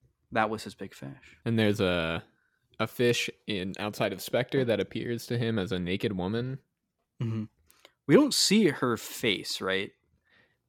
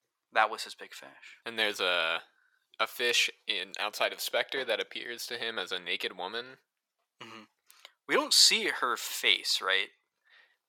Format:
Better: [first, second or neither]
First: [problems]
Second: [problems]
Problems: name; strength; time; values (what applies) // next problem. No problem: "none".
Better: first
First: none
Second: thin; very; fading below 850 Hz